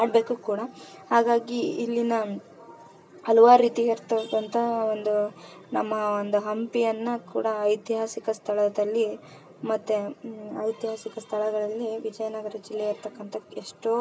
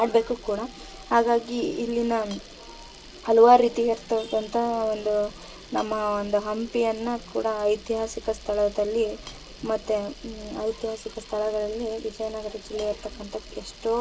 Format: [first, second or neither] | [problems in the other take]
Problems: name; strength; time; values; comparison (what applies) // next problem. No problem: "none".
first | background sound (Camera); 19 dB below the speech